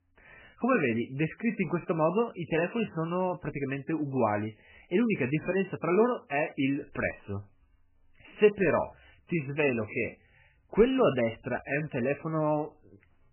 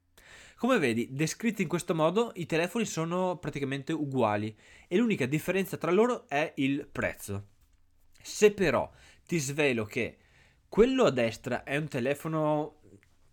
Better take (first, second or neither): second